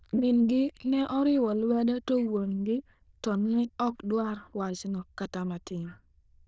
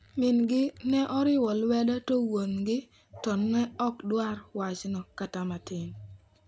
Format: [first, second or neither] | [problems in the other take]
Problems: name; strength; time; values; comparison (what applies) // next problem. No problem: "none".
second | noise reduction (neural diffusion model UNIVERSE++)